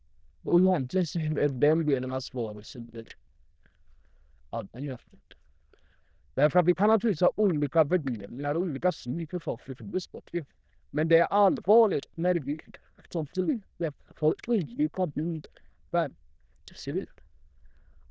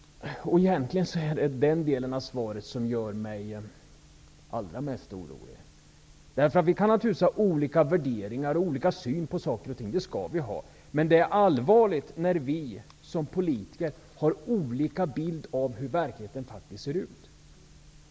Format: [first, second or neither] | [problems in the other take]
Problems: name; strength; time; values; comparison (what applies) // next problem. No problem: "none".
second | noise reduction (neural diffusion model UNIVERSE++)